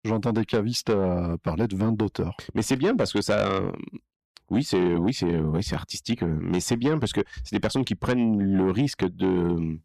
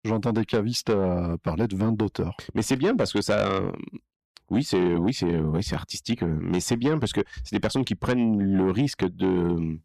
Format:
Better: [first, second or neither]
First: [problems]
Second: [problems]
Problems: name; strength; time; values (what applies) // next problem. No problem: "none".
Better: neither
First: distortion; slight; 10 dB below the speech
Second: distortion; slight; 10 dB below the speech